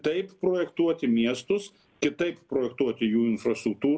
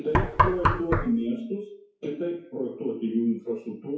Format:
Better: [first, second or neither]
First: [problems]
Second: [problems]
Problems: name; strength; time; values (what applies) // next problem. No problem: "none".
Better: first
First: none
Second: noise reduction (classical method WPE with log-MMSE)